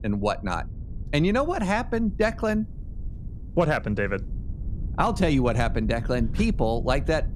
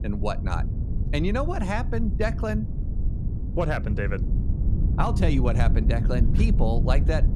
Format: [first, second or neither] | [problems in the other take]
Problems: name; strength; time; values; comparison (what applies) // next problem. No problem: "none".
first | low rumble; loud; throughout; 10 dB below the speech; faint in the first